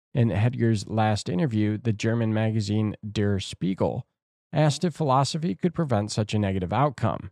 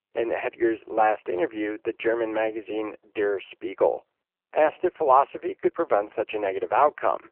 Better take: first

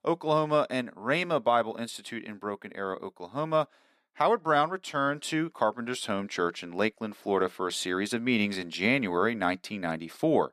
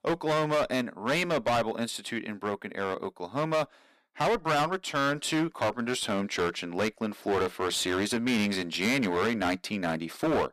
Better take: first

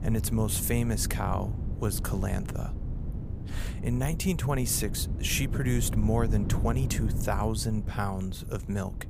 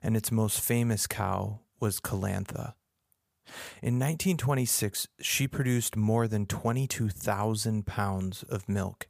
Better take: second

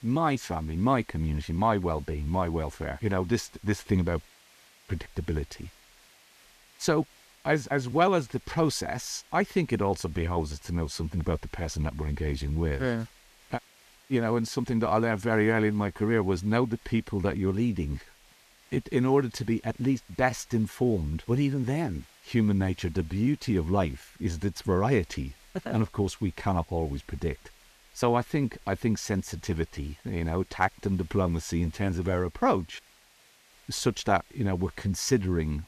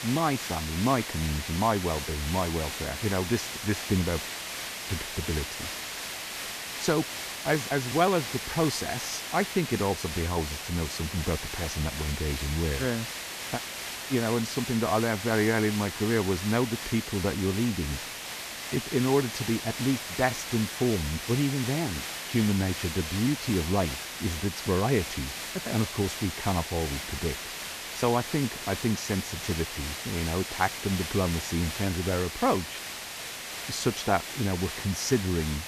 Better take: first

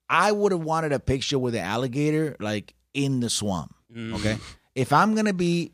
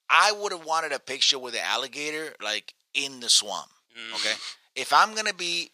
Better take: first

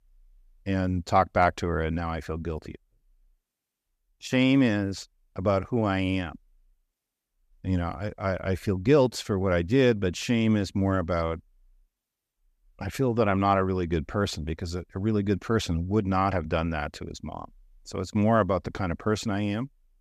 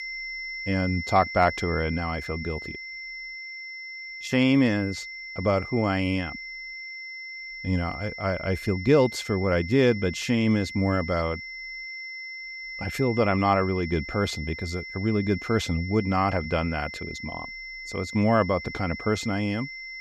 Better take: first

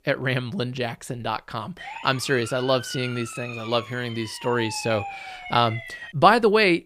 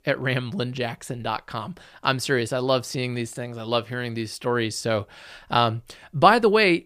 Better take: second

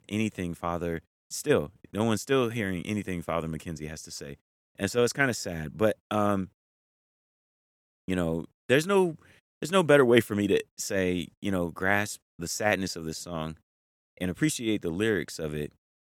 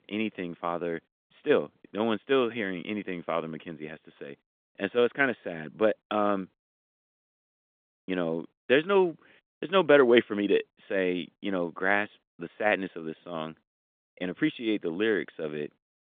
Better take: first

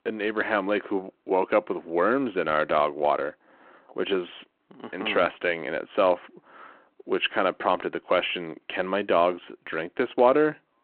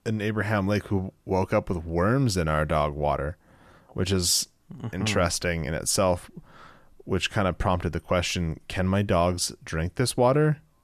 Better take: second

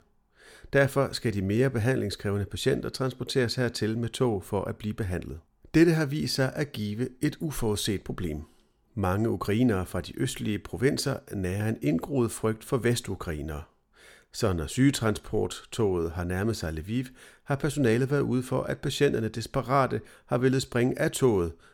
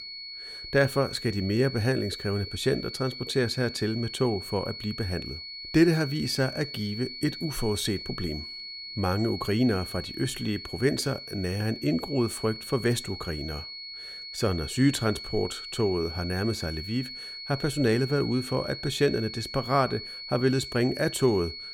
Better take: first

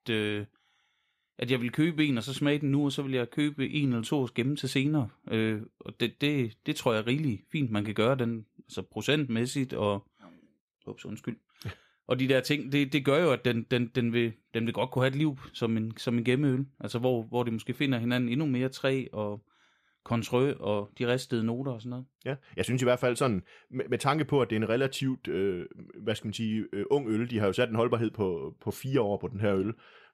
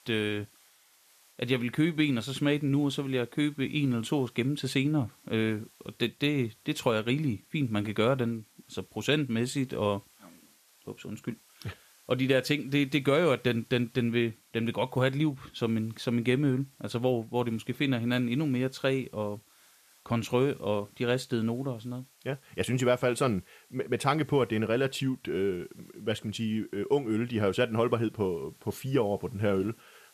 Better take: first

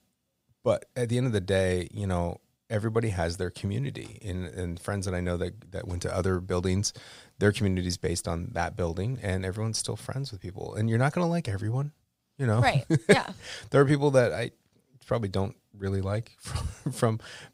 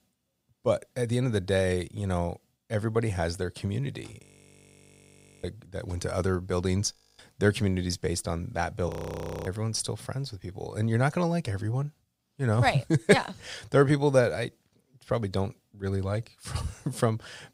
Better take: first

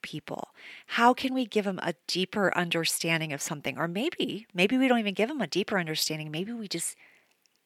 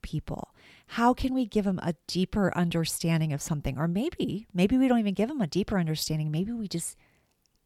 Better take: second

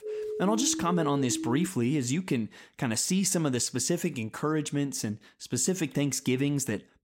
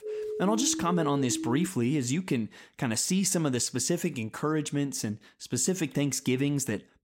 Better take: neither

